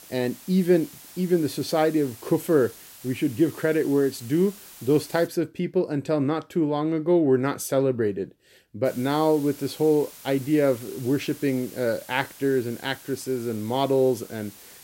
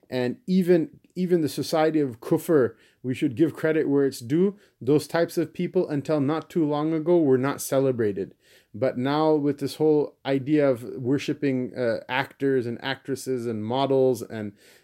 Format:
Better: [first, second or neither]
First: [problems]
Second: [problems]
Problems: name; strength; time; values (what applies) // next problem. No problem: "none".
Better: second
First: hiss; noticeable; until 5.5 s and from 9 s on; 20 dB below the speech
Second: none